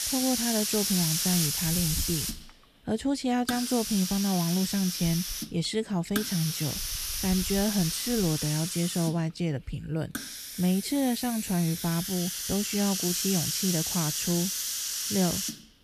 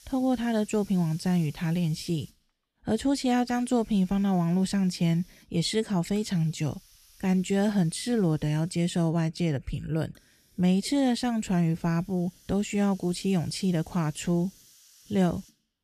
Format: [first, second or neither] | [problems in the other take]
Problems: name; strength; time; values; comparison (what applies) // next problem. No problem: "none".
second | hiss; loud; throughout; 1 dB below the speech; faint in the second